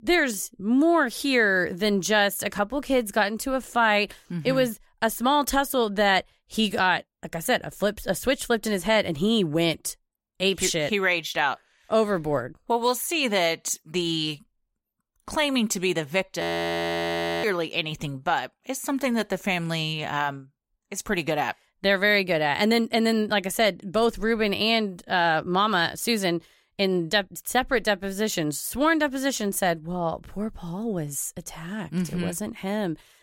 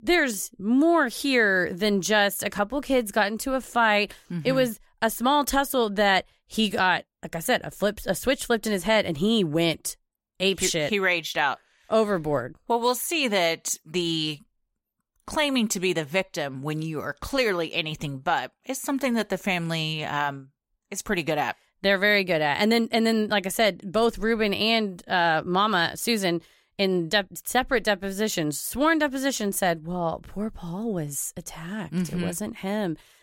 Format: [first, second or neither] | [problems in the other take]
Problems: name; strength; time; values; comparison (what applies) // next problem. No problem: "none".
second | audio freezing; at 16 s for 1 s